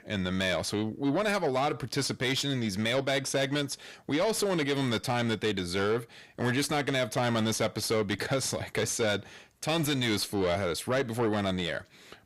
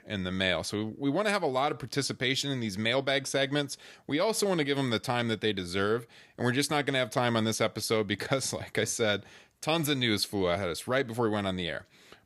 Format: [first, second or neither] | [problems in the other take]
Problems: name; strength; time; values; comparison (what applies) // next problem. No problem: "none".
second | distortion; slight; 10 dB below the speech